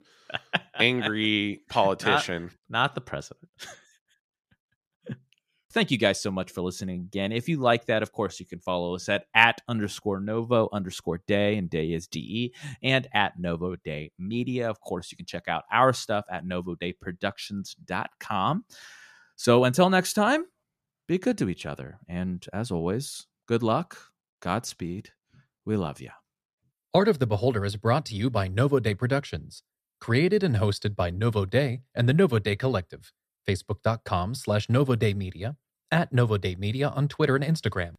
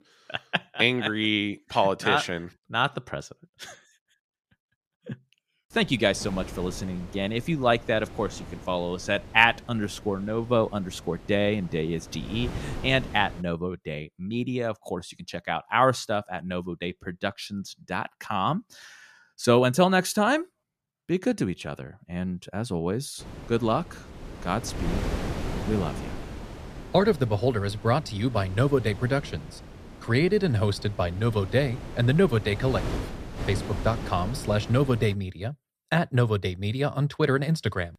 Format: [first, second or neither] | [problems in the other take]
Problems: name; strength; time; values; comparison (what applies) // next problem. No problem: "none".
first | wind noise on the microphone; occasional gusts; from 5.5 to 13 s and from 23 to 35 s; 15 dB below the speech